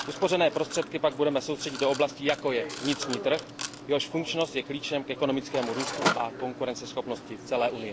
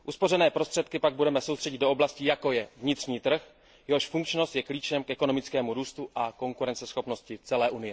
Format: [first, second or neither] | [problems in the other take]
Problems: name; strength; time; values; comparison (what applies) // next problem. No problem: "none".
second | background sound (Mechanisms); 8 dB below the speech